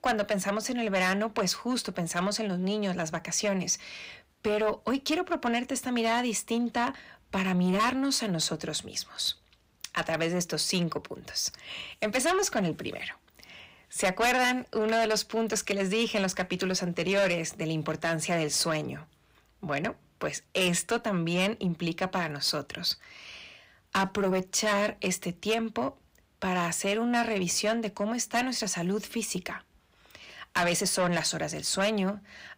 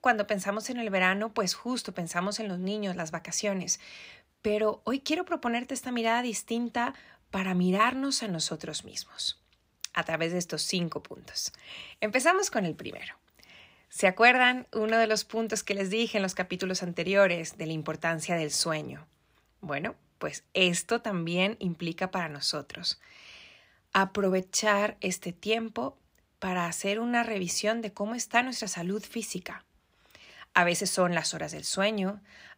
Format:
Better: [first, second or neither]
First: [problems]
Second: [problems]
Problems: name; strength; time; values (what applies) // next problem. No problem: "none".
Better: second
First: distortion; heavy; 8 dB below the speech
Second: none